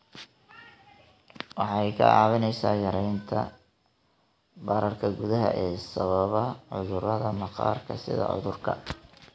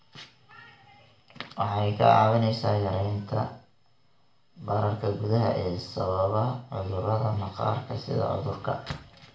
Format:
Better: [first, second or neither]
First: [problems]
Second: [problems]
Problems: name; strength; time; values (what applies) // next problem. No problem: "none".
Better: first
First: none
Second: room echo; dies away in 0.4 s